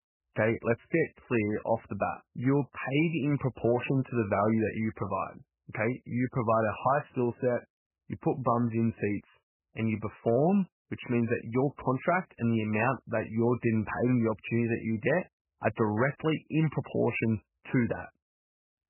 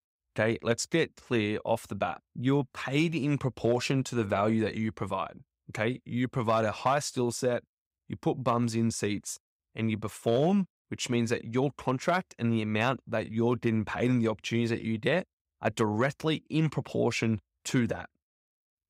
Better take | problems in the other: second | garbled, watery; badly; nothing above 3 kHz

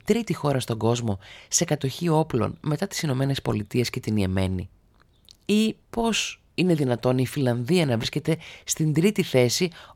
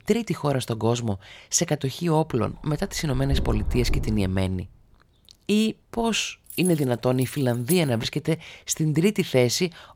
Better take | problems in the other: first | dog barking; noticeable; from 3 to 4.5 s; peak 4 dB below the speech // jangling keys; noticeable; from 6.5 to 8 s; peak 8 dB below the speech

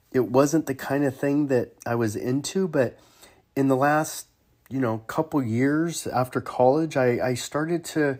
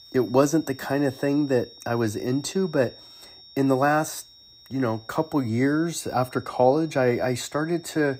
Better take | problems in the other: first | high-pitched whine; faint; throughout; 5.5 kHz, 20 dB below the speech

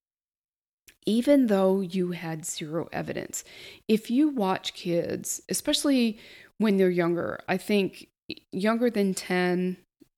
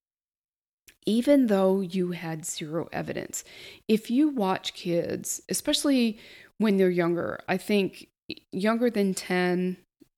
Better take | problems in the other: neither | none

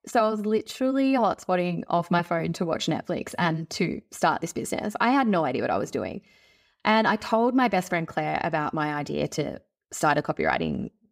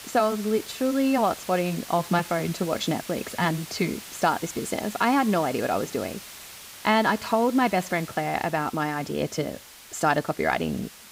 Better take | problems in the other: first | hiss; noticeable; throughout; 15 dB below the speech

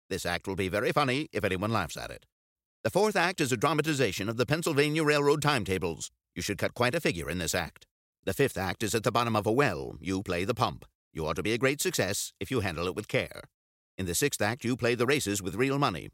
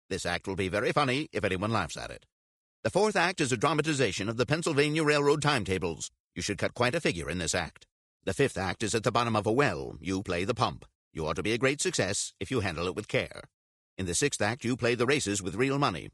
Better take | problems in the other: first | garbled, watery; slightly; nothing above 10.5 kHz

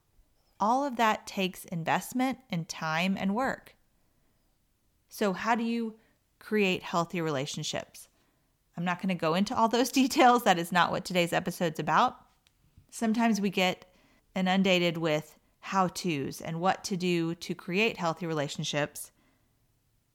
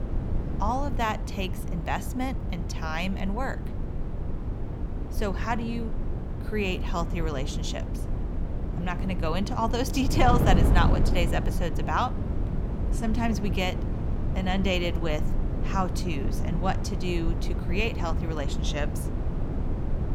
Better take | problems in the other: first | wind noise on the microphone; heavy; 9 dB below the speech

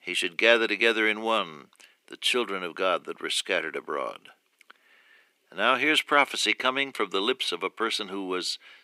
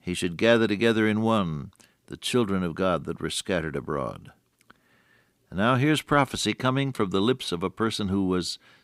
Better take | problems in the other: second | thin; somewhat; fading below 350 Hz

